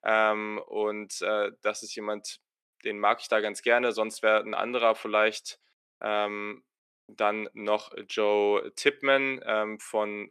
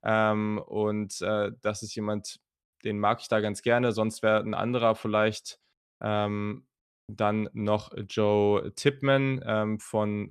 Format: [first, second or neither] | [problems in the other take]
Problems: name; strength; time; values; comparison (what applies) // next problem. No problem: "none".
second | thin; somewhat; fading below 350 Hz